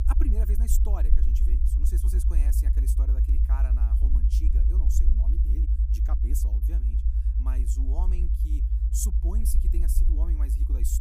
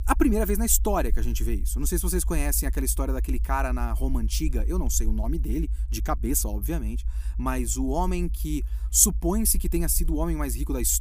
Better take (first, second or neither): second